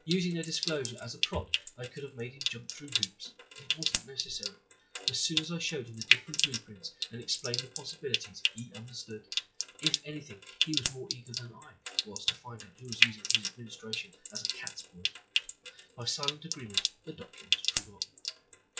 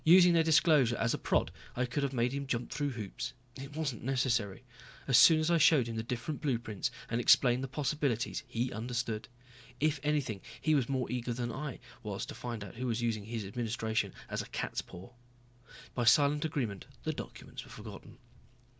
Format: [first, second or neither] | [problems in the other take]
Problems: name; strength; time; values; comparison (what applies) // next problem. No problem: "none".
second | noise reduction (classical method WPE with log-MMSE)